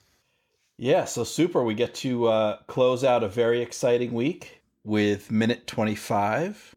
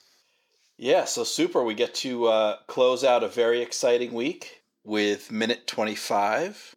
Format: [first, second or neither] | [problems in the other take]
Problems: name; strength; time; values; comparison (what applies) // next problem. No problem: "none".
first | thin; very slightly; fading below 300 Hz